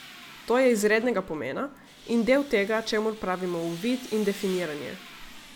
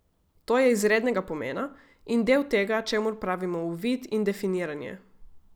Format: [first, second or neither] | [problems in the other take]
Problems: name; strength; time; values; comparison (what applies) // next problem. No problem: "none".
second | background sound (Tools); 19 dB below the speech